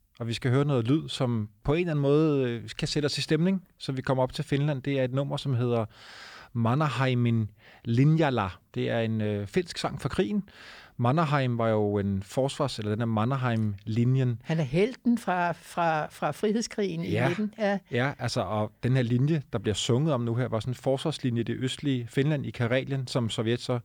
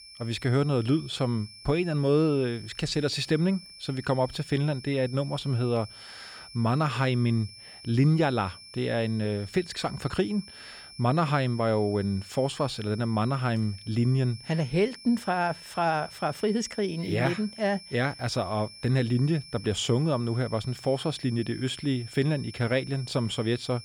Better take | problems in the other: first | high-pitched whine; noticeable; throughout; 5.5 kHz, 15 dB below the speech

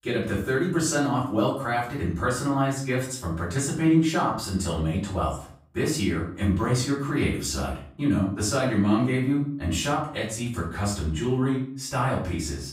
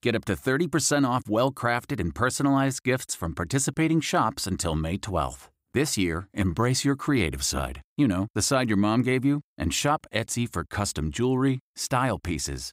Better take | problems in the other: second | off-mic speech; far // room echo; noticeable; dies away in 0.4 s

